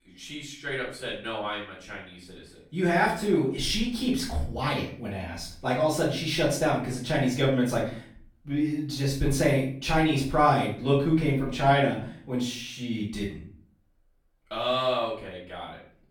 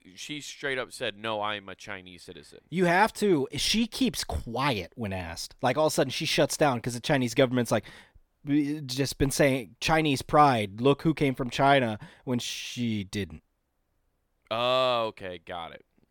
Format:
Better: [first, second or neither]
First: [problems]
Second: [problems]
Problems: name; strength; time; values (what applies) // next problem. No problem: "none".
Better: second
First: off-mic speech; far // room echo; noticeable; dies away in 0.5 s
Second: none